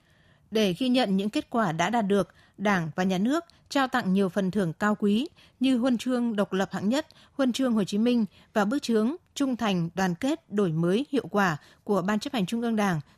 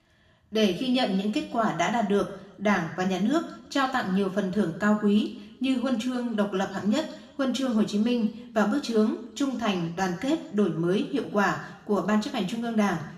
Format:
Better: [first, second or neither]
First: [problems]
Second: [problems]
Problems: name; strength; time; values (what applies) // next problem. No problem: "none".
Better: first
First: none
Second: room echo; slight; dies away in 0.7 s // off-mic speech; somewhat distant